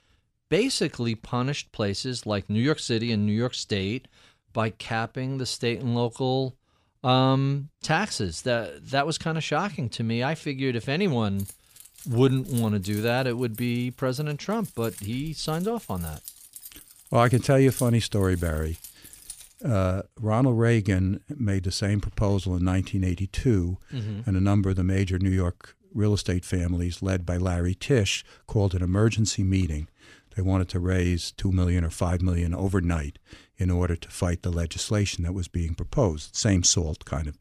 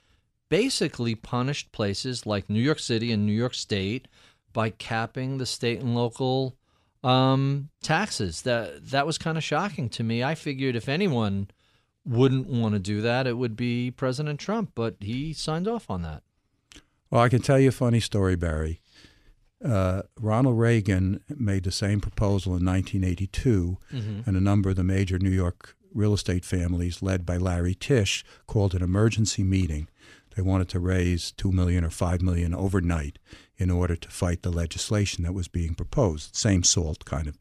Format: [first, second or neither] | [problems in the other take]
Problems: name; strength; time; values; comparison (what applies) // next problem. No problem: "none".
second | jangling keys; noticeable; from 11 to 19 s; peak 9 dB below the speech